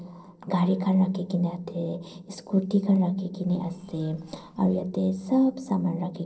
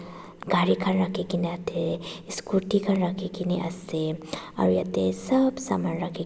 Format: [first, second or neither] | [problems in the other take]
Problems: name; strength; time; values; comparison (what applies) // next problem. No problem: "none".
second | noise reduction (neural separator model SepFormer DNS4)